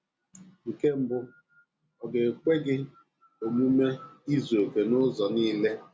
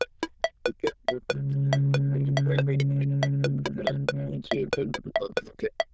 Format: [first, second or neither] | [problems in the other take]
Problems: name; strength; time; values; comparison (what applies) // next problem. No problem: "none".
first | noise reduction (neural diffusion model UNIVERSE++)